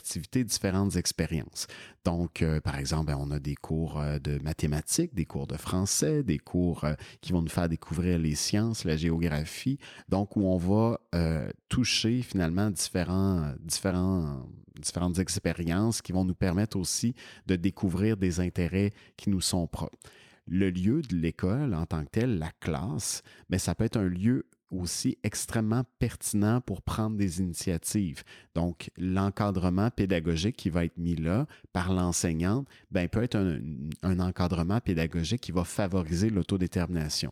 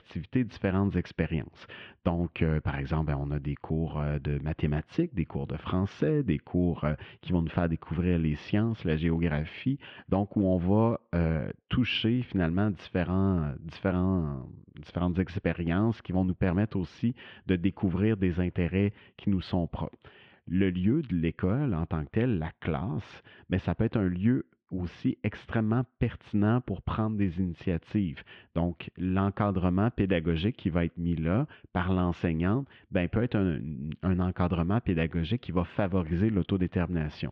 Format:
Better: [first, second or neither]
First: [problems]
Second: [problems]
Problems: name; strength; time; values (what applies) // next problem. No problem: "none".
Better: first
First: none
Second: muffled; very; fading above 3 kHz